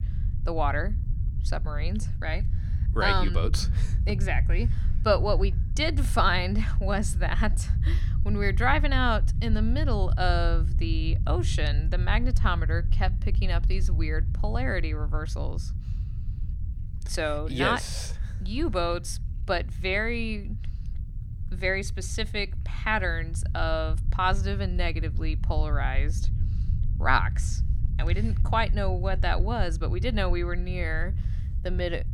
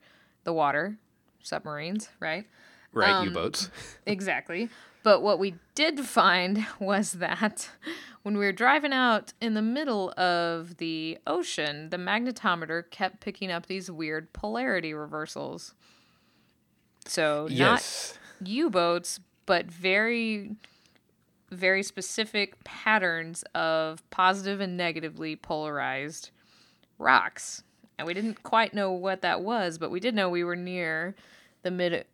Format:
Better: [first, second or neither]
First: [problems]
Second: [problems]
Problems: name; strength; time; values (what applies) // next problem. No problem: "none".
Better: second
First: low rumble; noticeable; throughout; 15 dB below the speech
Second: none